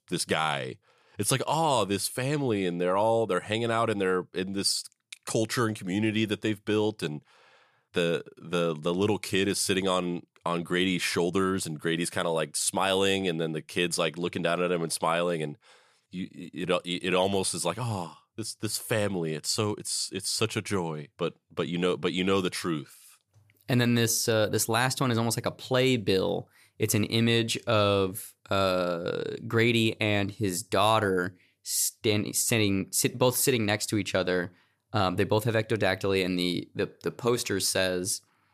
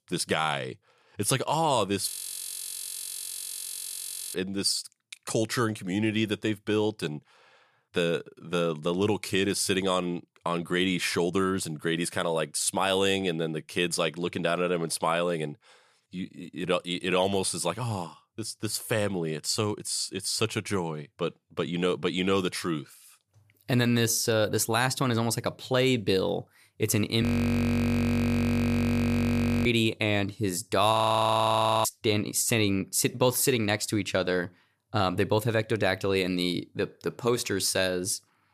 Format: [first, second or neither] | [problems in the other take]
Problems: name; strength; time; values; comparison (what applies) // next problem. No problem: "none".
first | audio freezing; at 2 s for 2.5 s, at 27 s for 2.5 s and at 31 s for 1 s